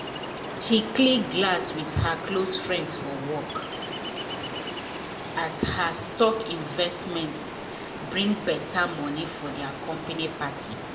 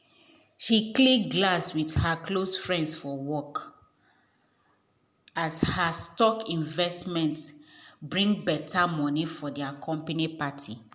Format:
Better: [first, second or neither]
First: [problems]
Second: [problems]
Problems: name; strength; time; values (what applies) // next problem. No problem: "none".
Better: second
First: background sound (Ocean); 6 dB below the speech // room echo; dies away in 0.2 s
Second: none